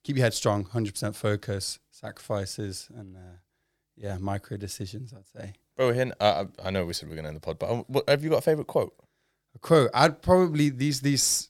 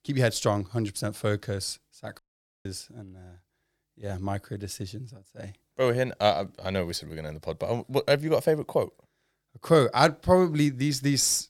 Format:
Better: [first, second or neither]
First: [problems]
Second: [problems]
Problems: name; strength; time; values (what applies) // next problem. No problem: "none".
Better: first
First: none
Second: audio cutting out; at 2 s